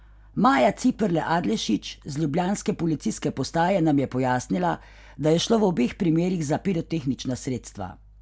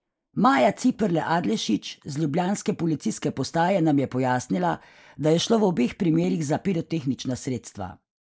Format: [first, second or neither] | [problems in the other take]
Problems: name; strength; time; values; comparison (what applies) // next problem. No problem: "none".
first | noise reduction (neural mask model Resemble Enhance denoiser)